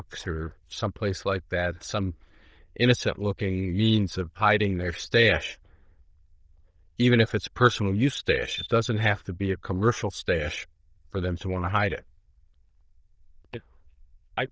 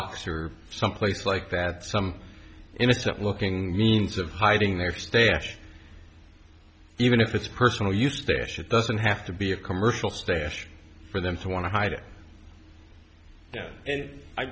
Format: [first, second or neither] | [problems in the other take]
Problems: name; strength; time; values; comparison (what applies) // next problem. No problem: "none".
second | noise reduction (neural diffusion model UNIVERSE++)